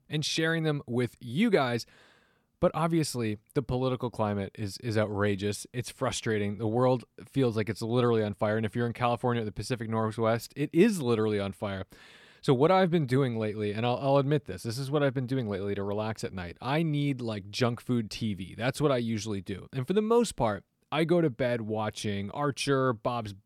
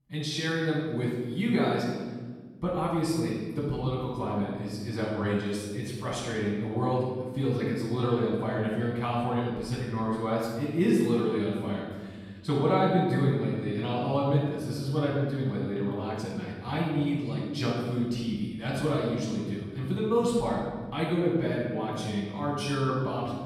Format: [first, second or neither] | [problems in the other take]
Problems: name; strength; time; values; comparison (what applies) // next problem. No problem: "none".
first | off-mic speech; far // room echo; strong; dies away in 1.5 s